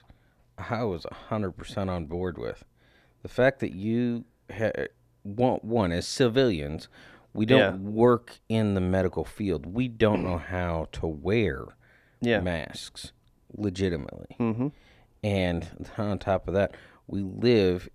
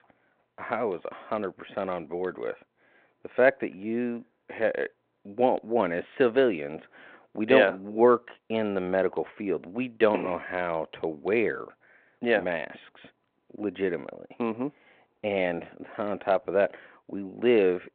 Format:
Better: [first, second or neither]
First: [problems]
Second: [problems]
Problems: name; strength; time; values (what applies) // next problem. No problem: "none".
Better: first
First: none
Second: phone-call audio; nothing above 3.5 kHz